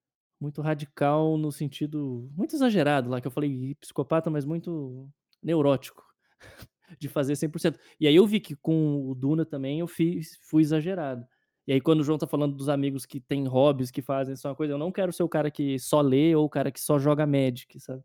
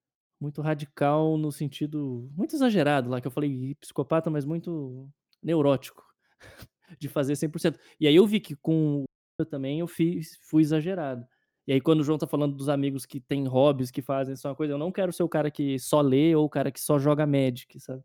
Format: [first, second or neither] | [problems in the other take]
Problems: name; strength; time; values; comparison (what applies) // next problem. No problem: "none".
first | audio cutting out; at 9 s